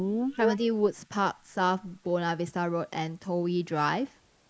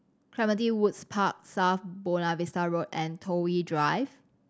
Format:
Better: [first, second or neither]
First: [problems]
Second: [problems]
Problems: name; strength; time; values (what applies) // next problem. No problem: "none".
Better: second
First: noise reduction (neural mask model Resemble Enhance denoiser)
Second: none